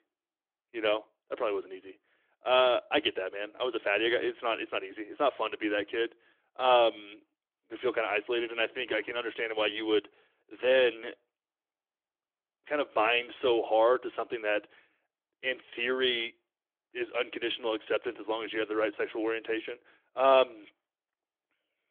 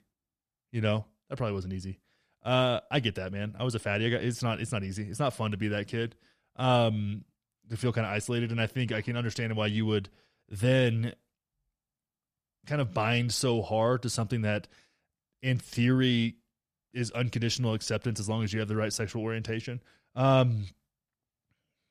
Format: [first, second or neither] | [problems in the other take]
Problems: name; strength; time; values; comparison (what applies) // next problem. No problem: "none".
second | phone-call audio; nothing above 3.5 kHz